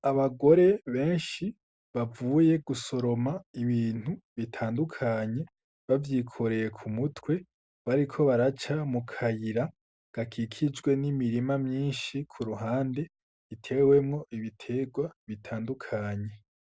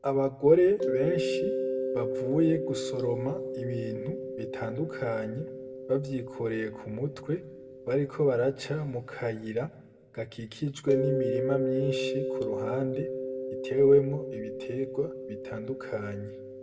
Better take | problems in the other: first | background sound (Mallet percussion); 4 dB below the speech // room echo; dies away in 0.9 s

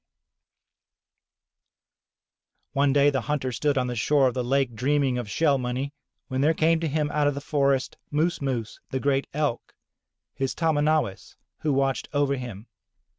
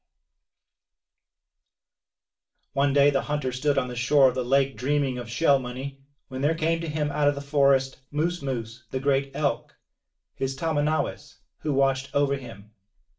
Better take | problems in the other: first | room echo; dies away in 0.3 s

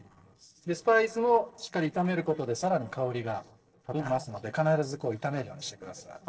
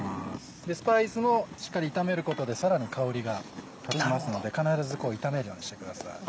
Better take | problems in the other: second | noise reduction (neural separator model SepFormer DNS4)

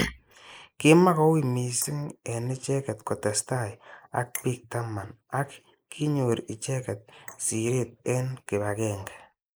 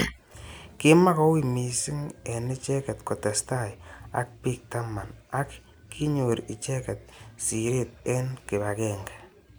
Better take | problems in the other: second | noise reduction (neural mask model Resemble Enhance denoiser)

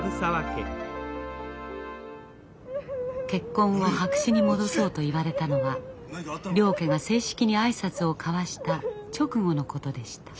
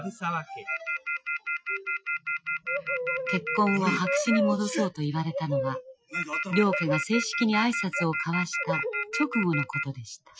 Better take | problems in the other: first | noise reduction (classical method Wiener filter)

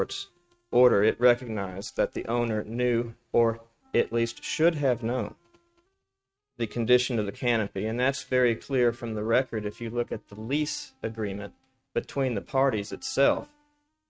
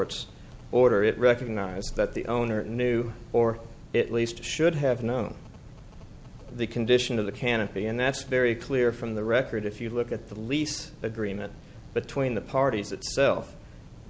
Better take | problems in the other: second | noise reduction (neural mask model RNNoise)

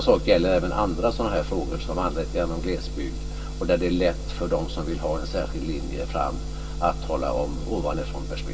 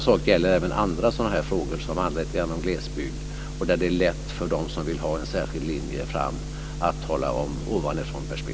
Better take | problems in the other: second | room echo; dies away in 0.2 s

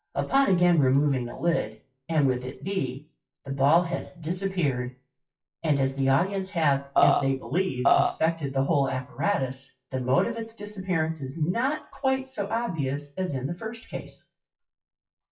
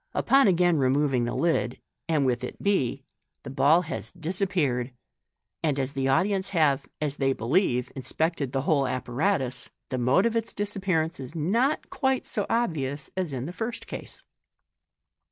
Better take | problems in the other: second | noise reduction (classical method WPE with log-MMSE)

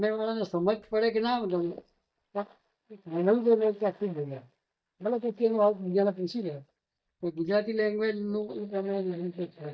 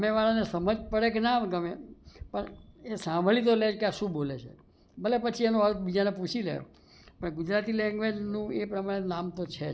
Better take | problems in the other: second | noise reduction (neural mask model DeepFilterNet 3)

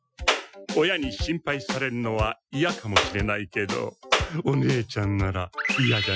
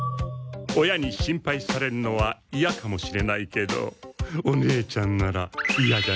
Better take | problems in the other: second | noise reduction (classical method Wiener filter)

